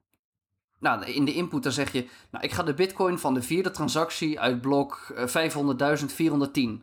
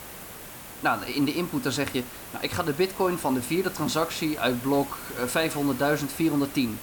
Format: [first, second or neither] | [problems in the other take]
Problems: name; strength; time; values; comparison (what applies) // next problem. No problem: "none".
first | hiss; noticeable; throughout; 10 dB below the speech